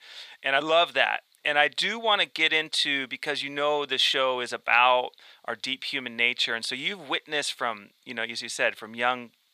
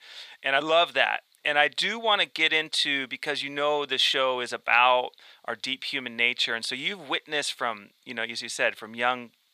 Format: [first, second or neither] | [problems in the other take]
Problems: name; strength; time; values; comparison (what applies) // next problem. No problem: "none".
neither | thin; very; fading below 850 Hz; the same in both